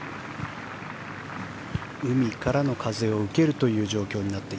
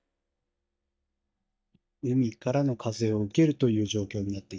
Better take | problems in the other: first | noise reduction (neural mask model DeepFilterNet 3)

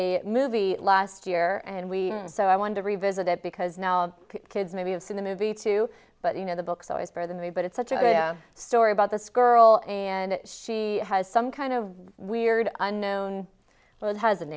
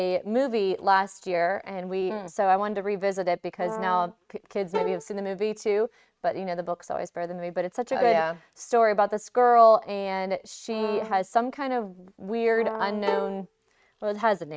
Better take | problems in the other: first | noise reduction (neural mask model RNNoise)

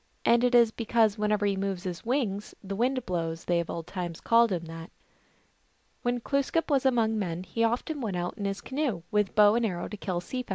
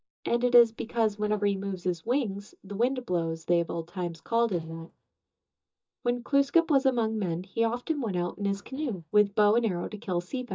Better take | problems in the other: first | noise reduction (neural mask model DeepFilterNet 3)

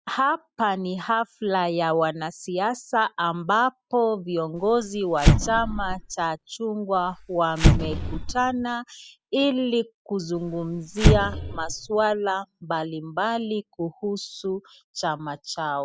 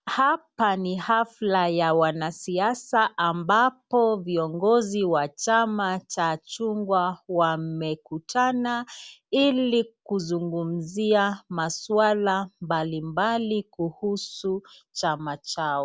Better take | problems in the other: second | noise reduction (classical method spectral subtraction)

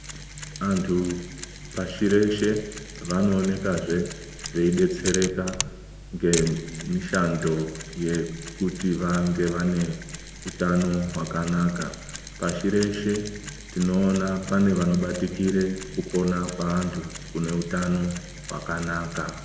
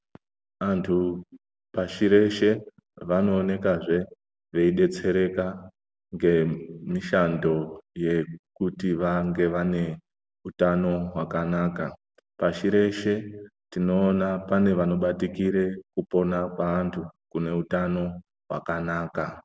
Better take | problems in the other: second | background sound (Mechanisms); 12 dB below the speech // room echo; dies away in 1.7 s

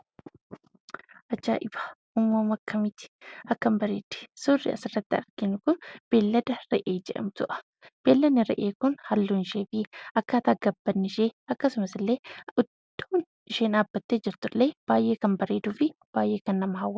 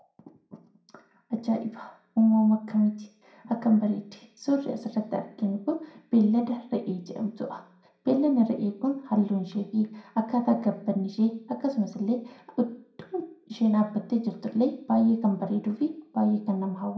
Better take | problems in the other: first | room echo; dies away in 0.5 s

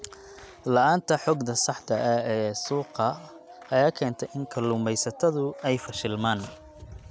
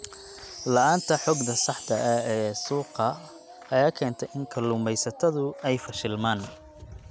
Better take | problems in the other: first | background sound (Wind chime); 15 dB below the speech

